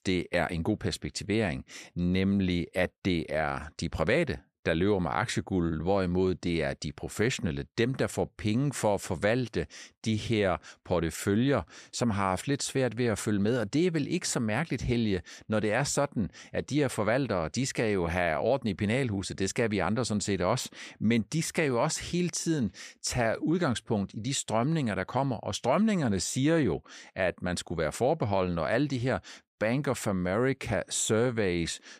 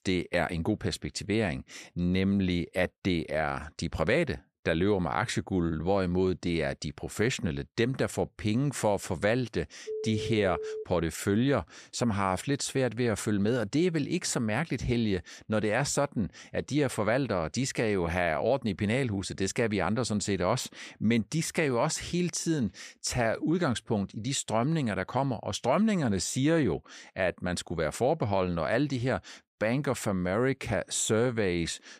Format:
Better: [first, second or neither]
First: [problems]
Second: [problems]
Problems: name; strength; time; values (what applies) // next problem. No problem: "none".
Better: first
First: none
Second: phone ringing; noticeable; at 10 s; peak 6 dB below the speech